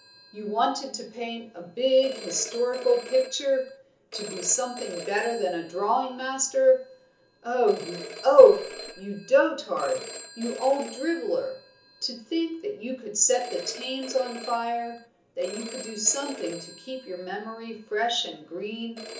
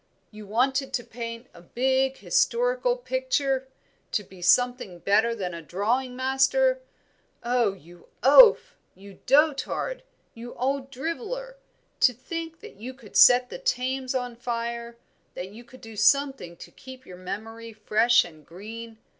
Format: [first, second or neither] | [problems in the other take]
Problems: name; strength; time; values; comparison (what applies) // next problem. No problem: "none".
second | background sound (Telephone); 17 dB below the speech // room echo; dies away in 0.8 s